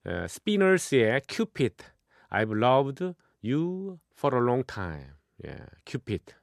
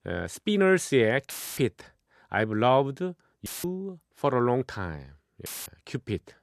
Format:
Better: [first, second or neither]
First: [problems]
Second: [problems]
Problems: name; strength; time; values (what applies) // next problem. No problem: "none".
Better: first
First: none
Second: audio cutting out; filled with static; at 1.5 s, at 3.5 s and at 5.5 s